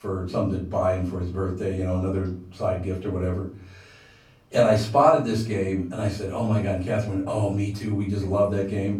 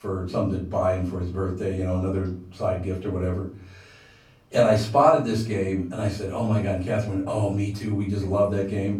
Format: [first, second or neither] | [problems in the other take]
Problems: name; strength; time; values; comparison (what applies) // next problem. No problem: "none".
neither | off-mic speech; far; the same in both // room echo; slight; dies away in 0.5 s; the same in both